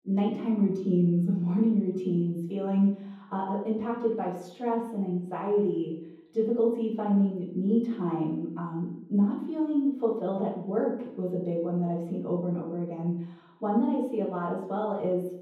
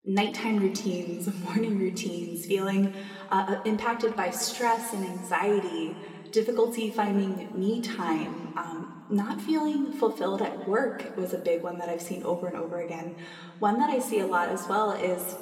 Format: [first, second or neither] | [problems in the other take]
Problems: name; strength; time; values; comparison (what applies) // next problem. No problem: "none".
second | room echo; strong; dies away in 0.9 s; slight in the second // off-mic speech; far